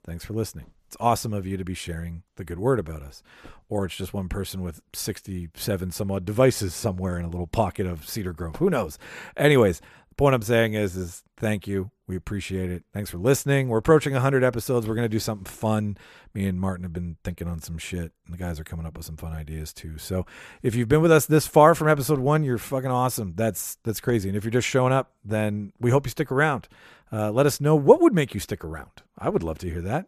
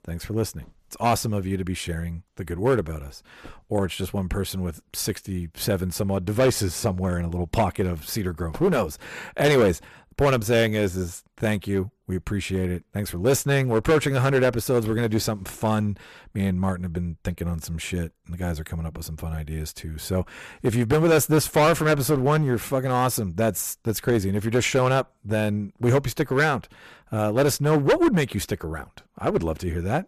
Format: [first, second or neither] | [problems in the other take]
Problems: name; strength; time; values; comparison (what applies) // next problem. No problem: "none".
first | distortion; heavy; 5% of the sound clipped